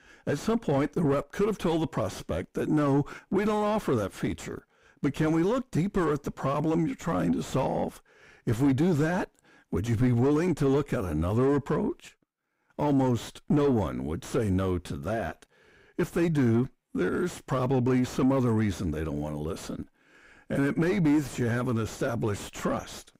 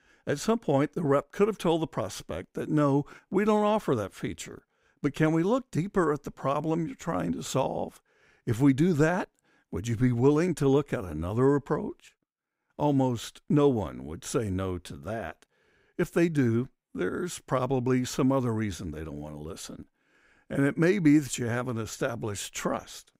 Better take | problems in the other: second | distortion; heavy; 6 dB below the speech

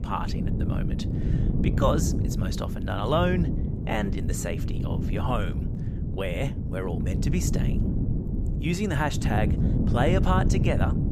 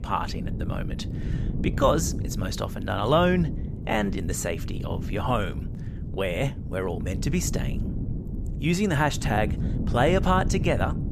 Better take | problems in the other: second | wind noise on the microphone; heavy; 7 dB below the speech; occasional gusts in the second

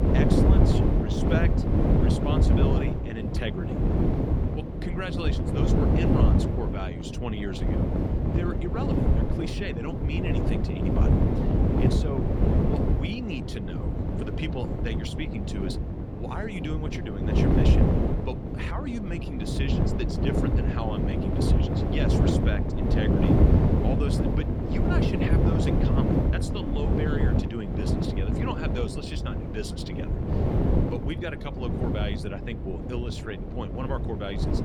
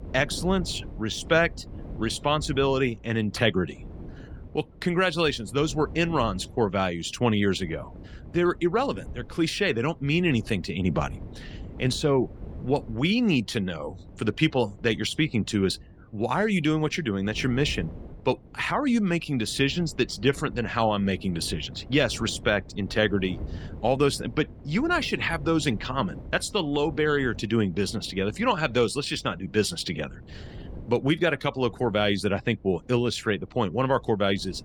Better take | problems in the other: second | wind noise on the microphone; heavy; 4 dB above the speech; occasional gusts in the second

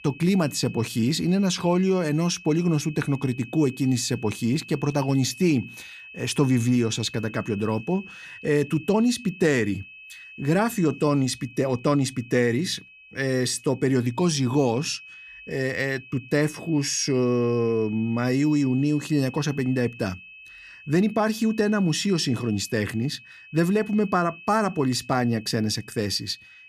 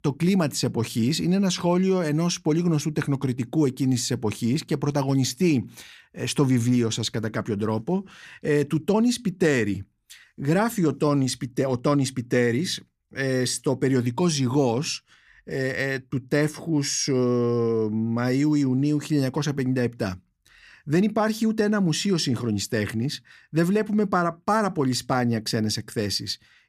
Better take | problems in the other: second | high-pitched whine; noticeable; throughout; 2.5 kHz, 20 dB below the speech

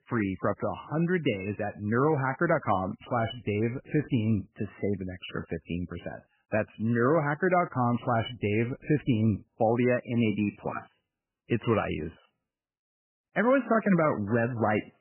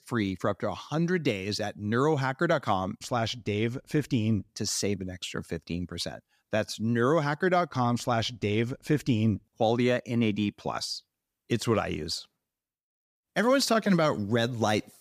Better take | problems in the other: second | garbled, watery; badly; nothing above 3 kHz

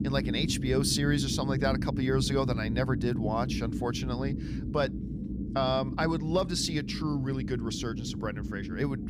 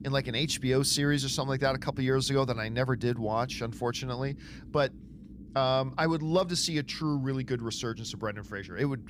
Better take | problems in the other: second | low rumble; loud; throughout; 9 dB below the speech; faint in the second

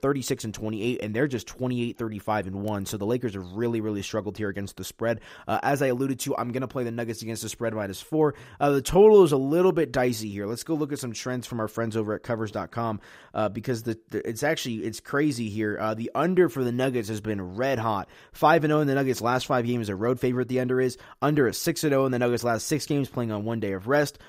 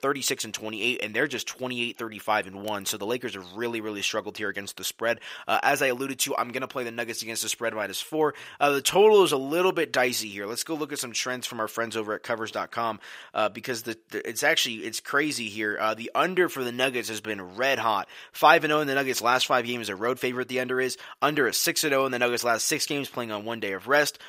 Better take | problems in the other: first | thin; somewhat; fading below 1 kHz

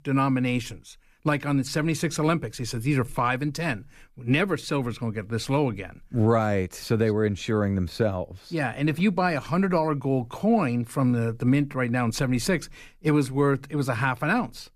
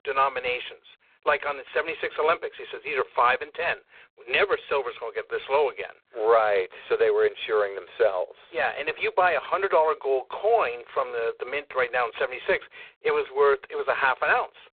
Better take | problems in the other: first | phone-call audio; poor line; nothing above 3.5 kHz

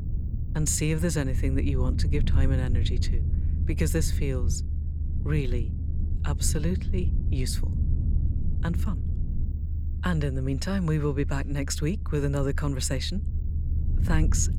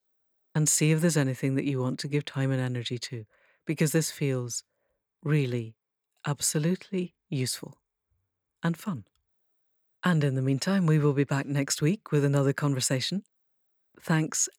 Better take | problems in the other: second | low rumble; noticeable; throughout; 10 dB below the speech

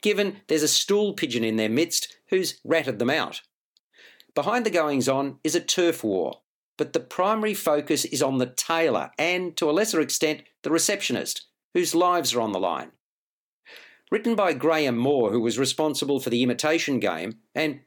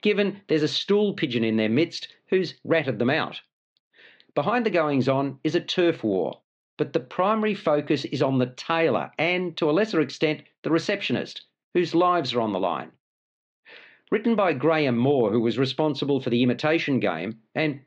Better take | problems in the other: first | muffled; slightly; fading above 4 kHz

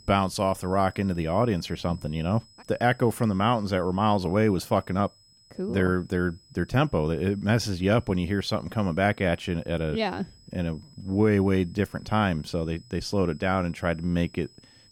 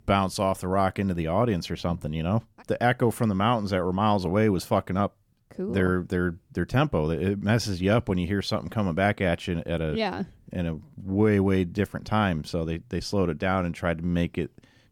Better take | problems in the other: second | high-pitched whine; faint; throughout; 5 kHz, 30 dB below the speech

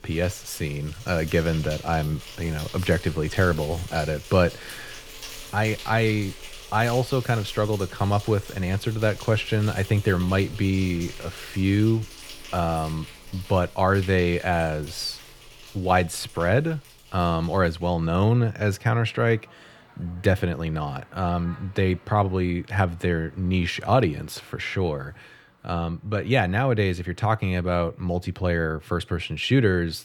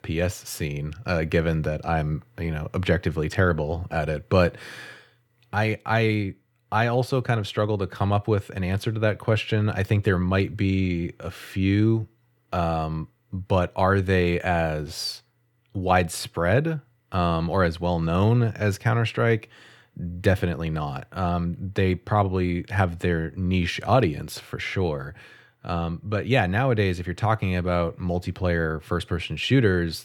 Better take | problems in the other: second | animal sounds; noticeable; throughout; 15 dB below the speech

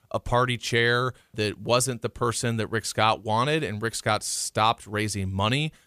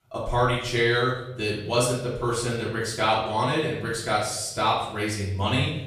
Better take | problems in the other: first | off-mic speech; far // room echo; noticeable; dies away in 0.8 s

